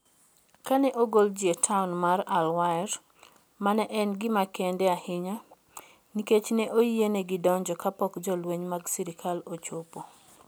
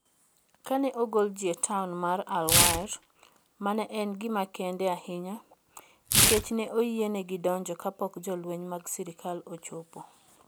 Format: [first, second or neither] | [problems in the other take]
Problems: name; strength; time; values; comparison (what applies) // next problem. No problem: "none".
first | background sound (Tearing); as loud as the speech